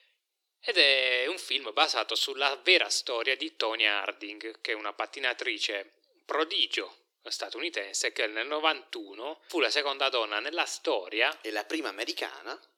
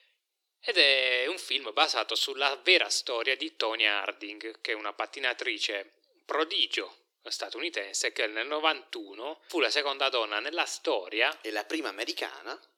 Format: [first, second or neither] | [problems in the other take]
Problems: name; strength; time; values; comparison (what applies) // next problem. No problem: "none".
neither | thin; very; fading below 300 Hz; the same in both